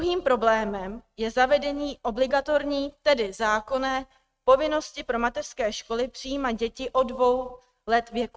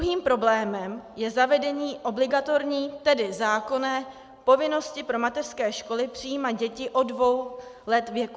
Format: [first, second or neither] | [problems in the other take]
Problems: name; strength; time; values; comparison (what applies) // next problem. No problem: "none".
second | noise reduction (neural mask model RNNoise)